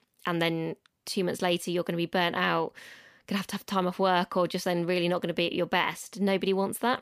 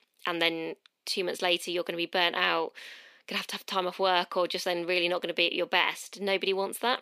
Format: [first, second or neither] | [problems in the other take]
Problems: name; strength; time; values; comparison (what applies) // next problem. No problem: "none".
first | thin; somewhat; fading below 400 Hz